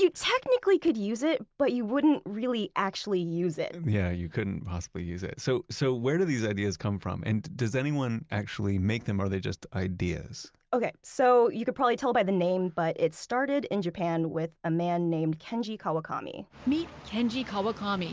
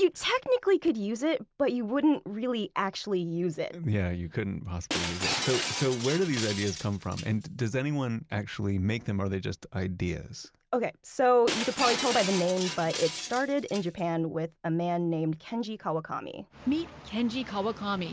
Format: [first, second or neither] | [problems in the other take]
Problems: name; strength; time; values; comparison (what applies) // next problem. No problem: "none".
first | background sound (Shatter); 7 dB below the speech